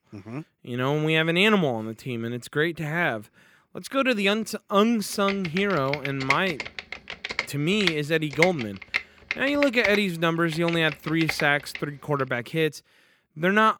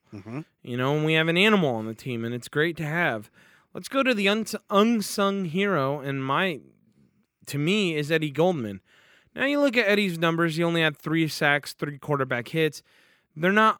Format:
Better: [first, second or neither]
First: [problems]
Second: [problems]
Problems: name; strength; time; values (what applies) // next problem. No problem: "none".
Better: second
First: keyboard typing; noticeable; from 5.5 to 12 s; peak 2 dB below the speech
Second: none